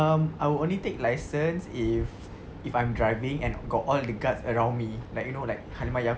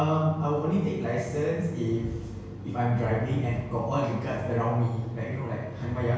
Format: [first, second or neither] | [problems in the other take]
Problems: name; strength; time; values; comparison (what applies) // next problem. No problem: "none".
first | room echo; dies away in 1 s